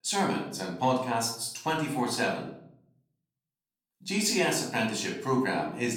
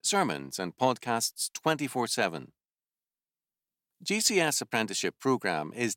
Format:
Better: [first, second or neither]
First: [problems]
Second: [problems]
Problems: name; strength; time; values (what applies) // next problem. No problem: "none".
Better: second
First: off-mic speech; far // room echo; noticeable; dies away in 0.6 s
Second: none